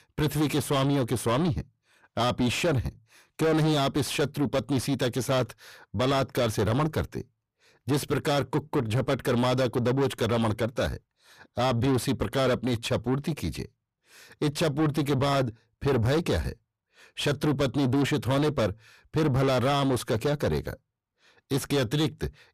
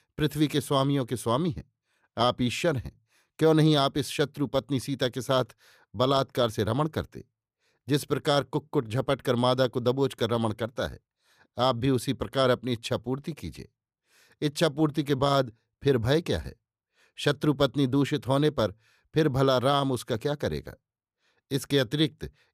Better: second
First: distortion; heavy; 6 dB below the speech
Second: none

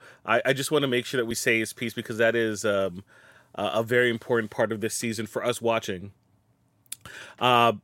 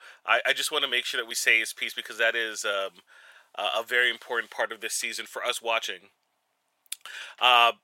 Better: first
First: none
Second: thin; very; fading below 800 Hz

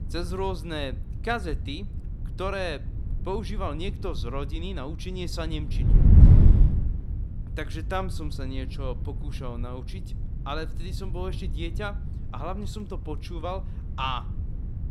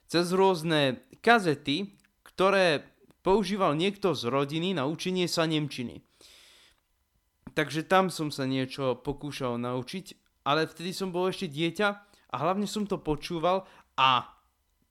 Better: second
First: wind noise on the microphone; heavy; 8 dB below the speech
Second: none

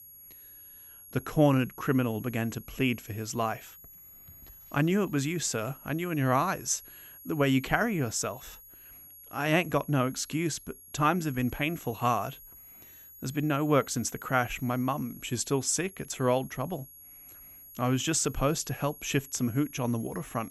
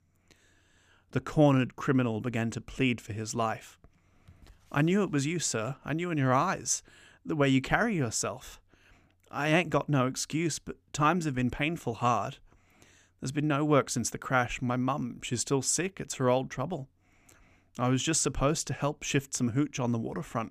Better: second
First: high-pitched whine; noticeable; throughout; 11.5 kHz, 20 dB below the speech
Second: none

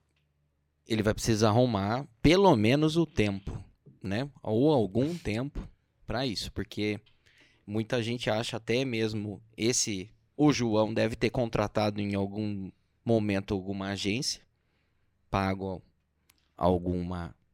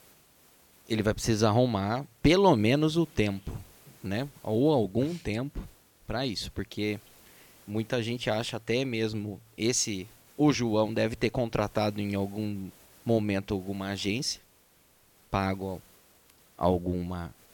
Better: first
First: none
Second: hiss; faint; throughout; 30 dB below the speech

